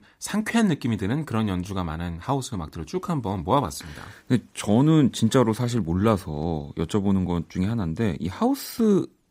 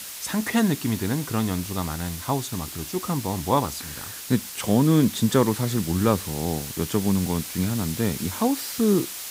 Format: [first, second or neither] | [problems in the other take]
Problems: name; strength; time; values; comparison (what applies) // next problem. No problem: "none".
first | hiss; loud; throughout; 9 dB below the speech